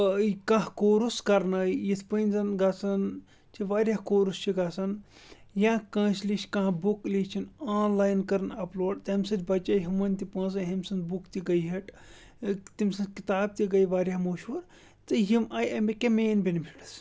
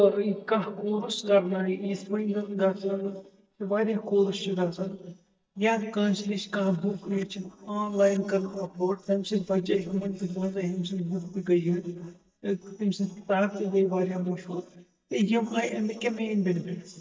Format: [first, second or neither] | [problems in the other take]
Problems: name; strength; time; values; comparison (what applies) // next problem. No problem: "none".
first | noise reduction (neural mask model DeepFilterNet 3)